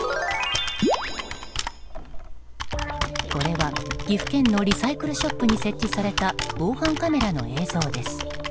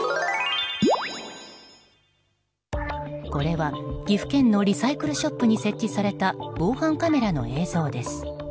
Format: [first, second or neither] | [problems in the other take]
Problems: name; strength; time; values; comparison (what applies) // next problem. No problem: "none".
second | background sound (Computer keyboard); 5 dB below the speech